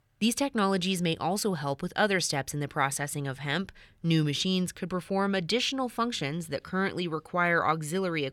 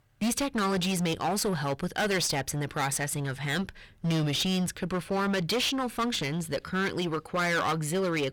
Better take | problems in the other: first | distortion; heavy; 18% of the sound clipped

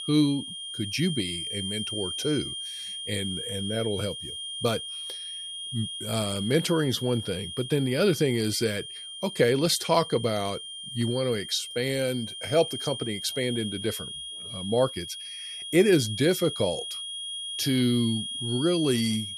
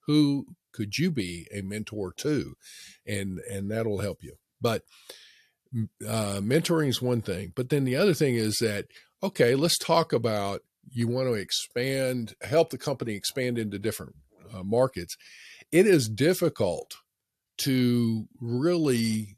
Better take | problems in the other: second | high-pitched whine; loud; throughout; 3.5 kHz, 6 dB below the speech

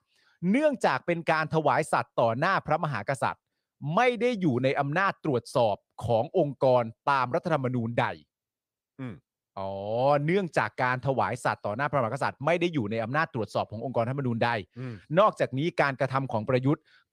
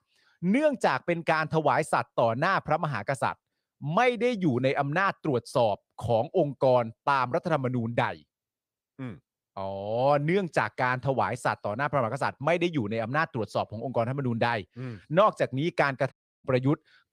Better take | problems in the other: first | audio cutting out; at 16 s

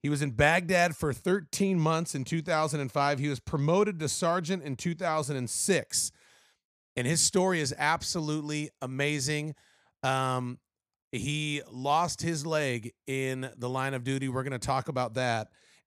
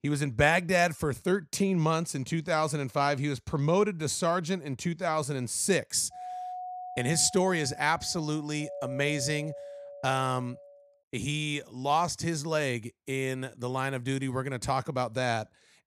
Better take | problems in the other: first | doorbell; noticeable; from 6 to 11 s; peak 9 dB below the speech

